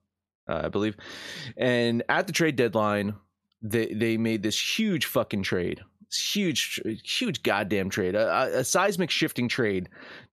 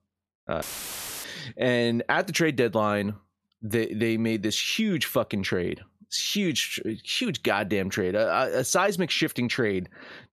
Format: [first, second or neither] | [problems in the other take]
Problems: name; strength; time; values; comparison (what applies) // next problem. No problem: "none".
first | audio cutting out; filled with static; at 0.5 s for 0.5 s